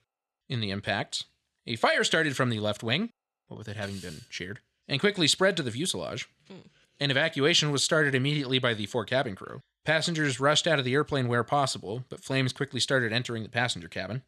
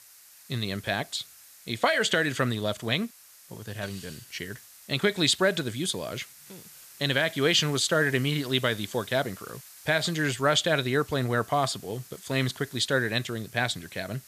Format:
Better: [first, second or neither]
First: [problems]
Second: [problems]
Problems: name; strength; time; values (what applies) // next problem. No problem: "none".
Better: first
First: none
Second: hiss; faint; throughout; 20 dB below the speech